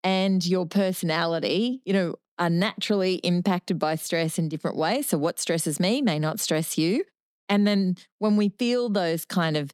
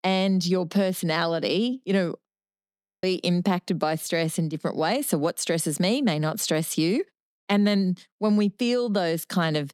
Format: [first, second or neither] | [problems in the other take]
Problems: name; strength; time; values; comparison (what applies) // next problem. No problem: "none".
first | audio freezing; at 2.5 s for 1 s